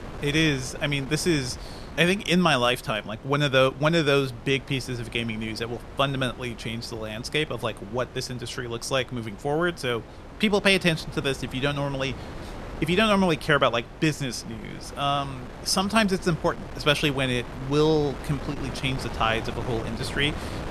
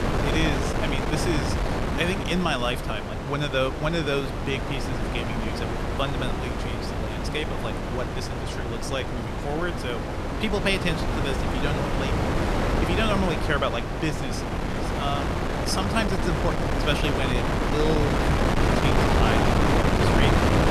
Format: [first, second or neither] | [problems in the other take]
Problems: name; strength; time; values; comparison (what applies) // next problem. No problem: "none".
first | wind noise on the microphone; heavy; 1 dB above the speech; occasional gusts in the first